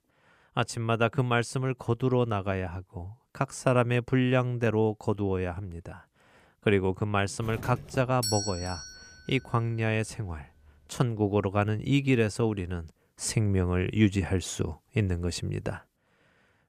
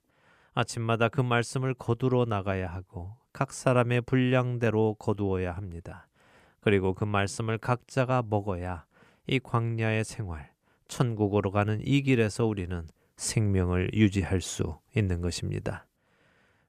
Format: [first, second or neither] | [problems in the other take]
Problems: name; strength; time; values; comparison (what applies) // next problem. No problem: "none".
second | doorbell; noticeable; from 7.5 to 9 s; peak 2 dB below the speech